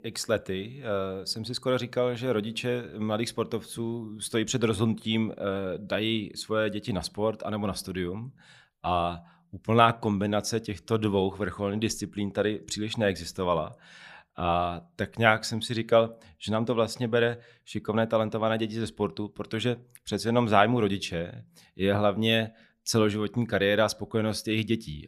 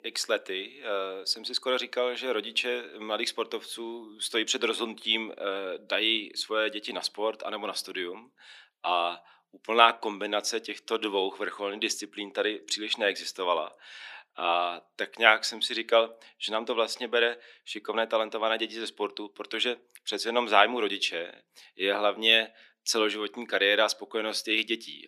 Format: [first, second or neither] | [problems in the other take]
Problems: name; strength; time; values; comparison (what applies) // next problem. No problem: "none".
first | thin; somewhat; fading below 300 Hz